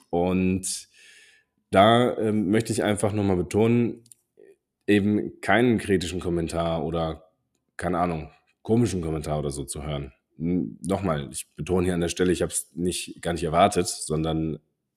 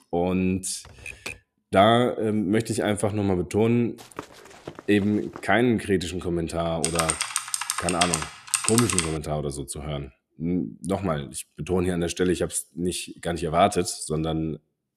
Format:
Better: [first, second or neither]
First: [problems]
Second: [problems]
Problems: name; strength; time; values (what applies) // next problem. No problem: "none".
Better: first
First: none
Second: keyboard typing; faint; at 1 s; peak 10 dB below the speech // footsteps; faint; from 4 to 5.5 s; peak 15 dB below the speech // keyboard typing; loud; from 7 to 9 s; peak 3 dB above the speech